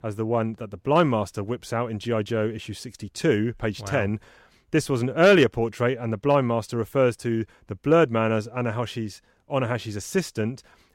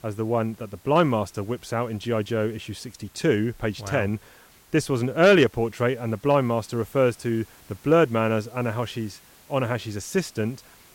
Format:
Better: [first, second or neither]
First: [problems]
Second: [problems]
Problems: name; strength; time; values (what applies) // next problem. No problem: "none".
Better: first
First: none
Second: hiss; faint; throughout; 30 dB below the speech